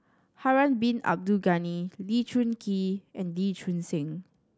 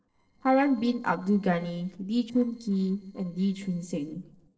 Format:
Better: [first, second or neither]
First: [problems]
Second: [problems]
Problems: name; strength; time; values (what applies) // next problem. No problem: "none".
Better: first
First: none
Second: noise reduction (neural separator model SepFormer DNS4)